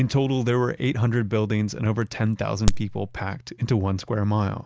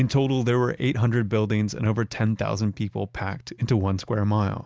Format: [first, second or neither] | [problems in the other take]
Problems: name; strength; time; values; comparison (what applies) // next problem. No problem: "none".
second | background sound (Crack); 3 dB below the speech